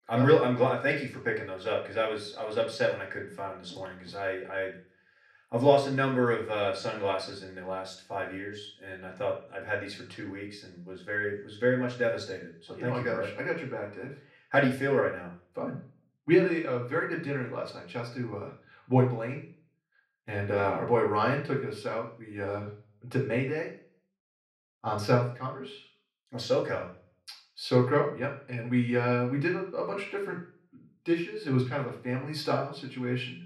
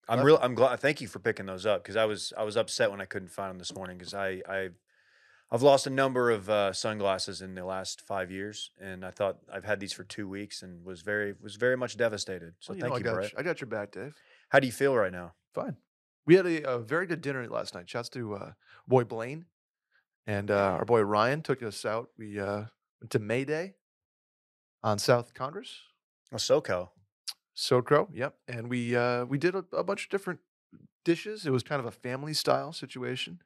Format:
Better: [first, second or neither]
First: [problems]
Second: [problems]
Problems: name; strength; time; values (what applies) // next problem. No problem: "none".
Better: second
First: room echo; slight; dies away in 0.5 s // off-mic speech; far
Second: none